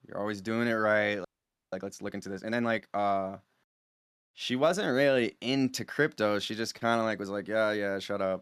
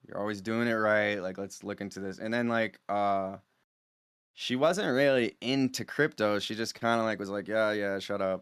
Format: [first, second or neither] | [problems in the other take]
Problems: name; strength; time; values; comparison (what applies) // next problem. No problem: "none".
second | audio freezing; at 1.5 s